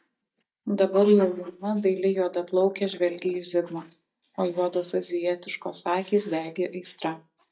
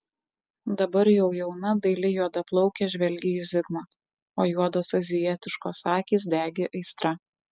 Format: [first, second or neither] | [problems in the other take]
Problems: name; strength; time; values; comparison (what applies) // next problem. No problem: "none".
second | noise reduction (neural mask model DeepFilterNet 3)